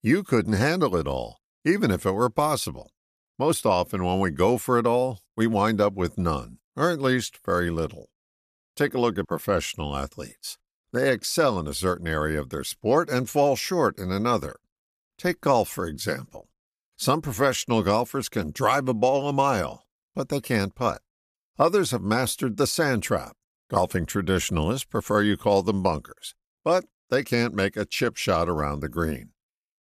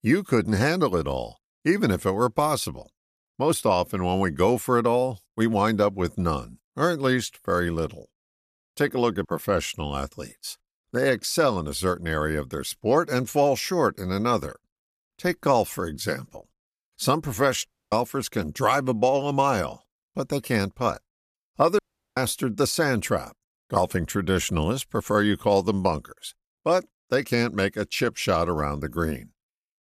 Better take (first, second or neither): first